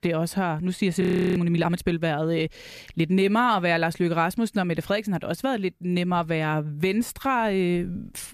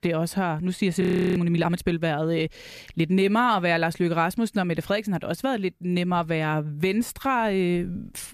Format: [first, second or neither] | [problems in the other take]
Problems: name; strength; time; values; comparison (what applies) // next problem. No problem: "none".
neither | audio freezing; at 1 s; the same in both